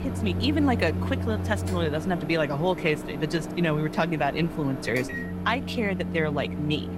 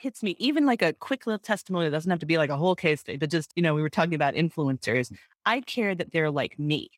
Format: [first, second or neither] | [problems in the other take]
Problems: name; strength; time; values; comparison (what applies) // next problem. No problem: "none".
second | household noises; loud; throughout; 5 dB below the speech